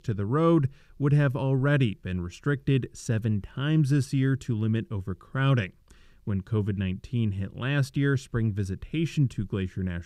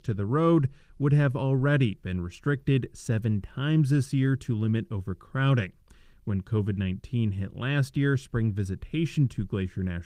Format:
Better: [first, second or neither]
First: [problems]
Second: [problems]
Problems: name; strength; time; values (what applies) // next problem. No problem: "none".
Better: first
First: none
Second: garbled, watery; slightly; nothing above 15.5 kHz